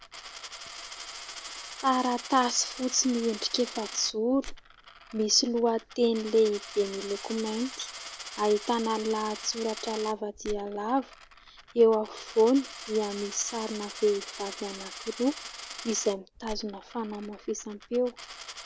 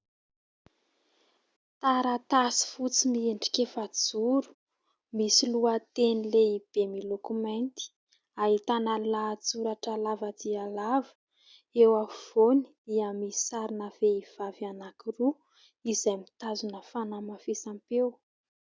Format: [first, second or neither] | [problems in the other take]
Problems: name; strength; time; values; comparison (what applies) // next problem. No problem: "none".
second | background sound (Coin (dropping)); 13 dB below the speech